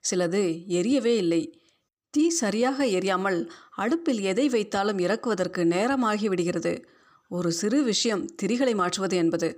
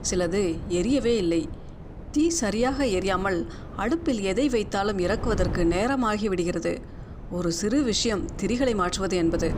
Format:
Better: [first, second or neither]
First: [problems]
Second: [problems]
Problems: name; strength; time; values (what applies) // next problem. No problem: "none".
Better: first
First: none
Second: wind noise on the microphone; occasional gusts; 20 dB below the speech